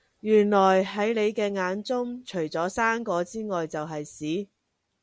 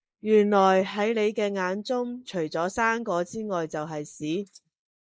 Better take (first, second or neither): first